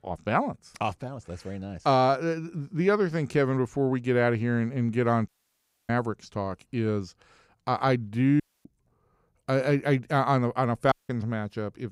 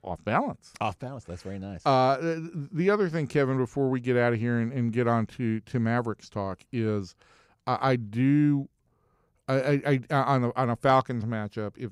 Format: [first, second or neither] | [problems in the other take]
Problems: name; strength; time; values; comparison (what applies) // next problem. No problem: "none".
second | audio cutting out; at 5.5 s for 0.5 s, at 8.5 s and at 11 s